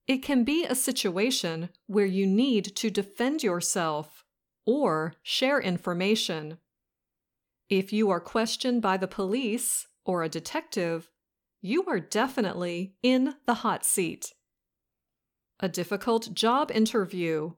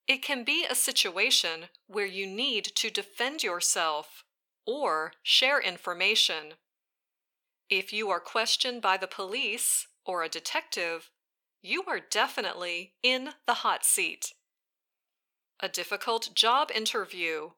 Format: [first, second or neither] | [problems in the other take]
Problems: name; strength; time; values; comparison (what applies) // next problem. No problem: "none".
first | thin; very; fading below 650 Hz